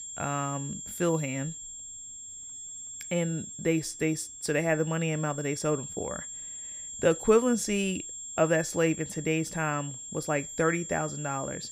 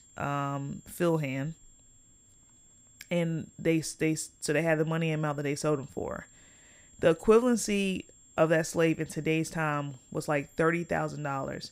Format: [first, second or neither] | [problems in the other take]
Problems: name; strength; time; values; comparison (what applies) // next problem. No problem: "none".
second | high-pitched whine; loud; throughout; 7.5 kHz, 9 dB below the speech; faint in the second